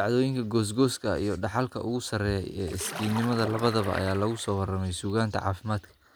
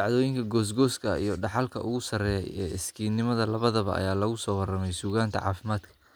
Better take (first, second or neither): second